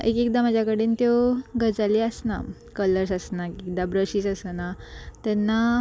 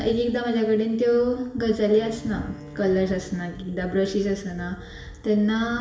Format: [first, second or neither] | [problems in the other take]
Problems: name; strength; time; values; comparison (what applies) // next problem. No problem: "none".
first | background sound (Bowed string instrument); 20 dB below the speech // room echo; dies away in 0.8 s